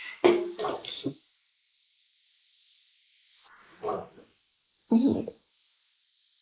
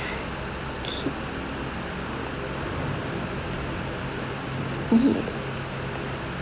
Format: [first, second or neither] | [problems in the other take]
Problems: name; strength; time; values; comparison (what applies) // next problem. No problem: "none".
second | noise reduction (neural mask model Resemble Enhance denoiser)